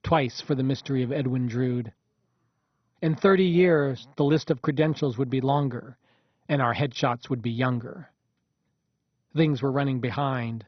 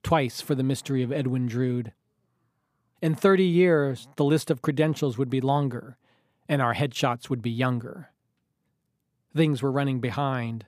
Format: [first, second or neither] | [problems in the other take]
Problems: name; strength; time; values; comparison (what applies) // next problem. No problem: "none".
second | garbled, watery; badly; nothing above 6 kHz